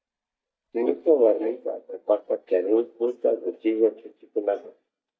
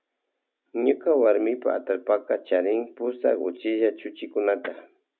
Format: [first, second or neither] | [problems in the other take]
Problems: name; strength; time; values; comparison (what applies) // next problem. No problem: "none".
second | noise reduction (neural mask model DeepFilterNet 3)